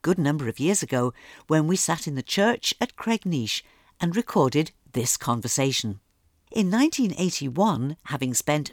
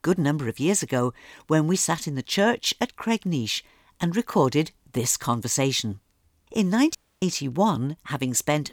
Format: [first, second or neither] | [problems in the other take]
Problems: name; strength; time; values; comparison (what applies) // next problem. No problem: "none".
first | audio cutting out; at 7 s